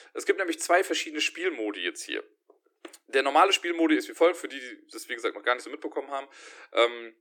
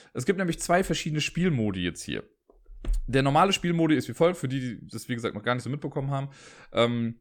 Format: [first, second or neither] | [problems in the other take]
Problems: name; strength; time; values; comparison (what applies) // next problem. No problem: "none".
second | thin; very; fading below 300 Hz